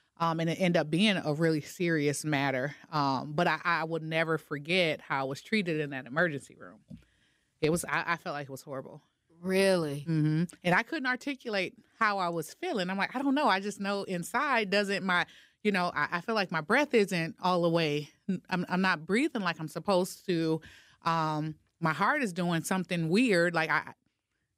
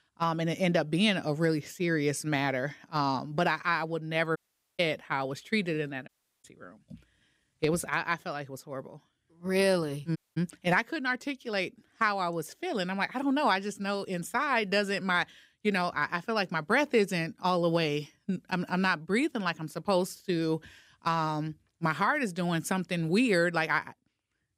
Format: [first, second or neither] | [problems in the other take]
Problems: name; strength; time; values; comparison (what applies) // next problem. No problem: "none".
first | audio cutting out; at 4.5 s, at 6 s and at 10 s